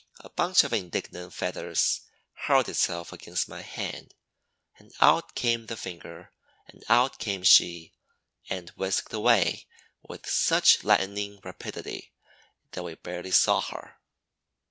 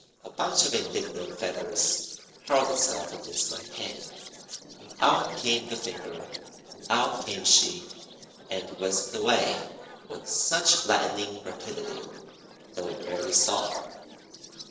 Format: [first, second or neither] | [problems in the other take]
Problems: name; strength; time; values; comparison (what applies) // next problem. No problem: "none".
first | noise reduction (neural separator model SepFormer DNS4)